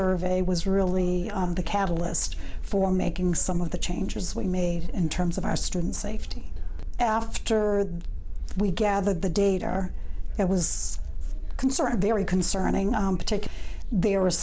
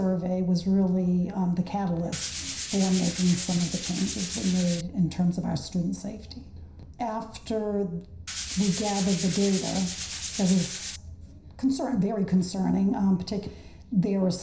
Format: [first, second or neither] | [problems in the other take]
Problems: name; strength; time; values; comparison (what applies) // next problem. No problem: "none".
first | background sound (Tools); 7 dB below the speech // room echo; dies away in 0.5 s